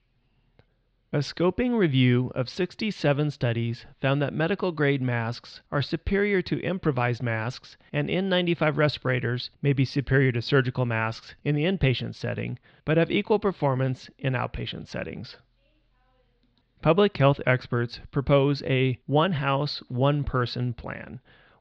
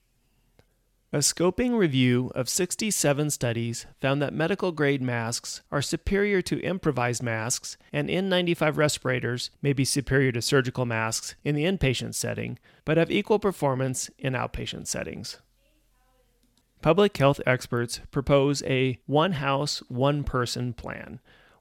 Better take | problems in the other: second | muffled; slightly; fading above 4 kHz

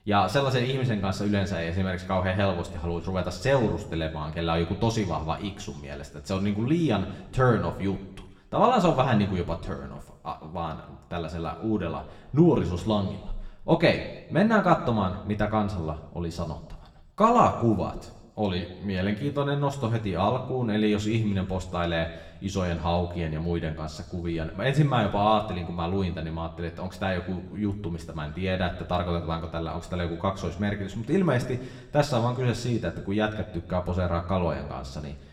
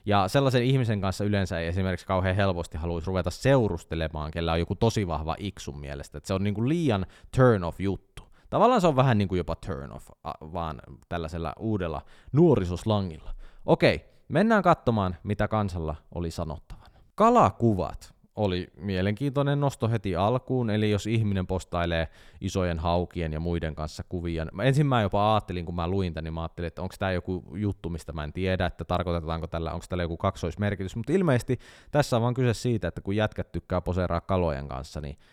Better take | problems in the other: second | room echo; very slight; dies away in 0.9 s // off-mic speech; somewhat distant

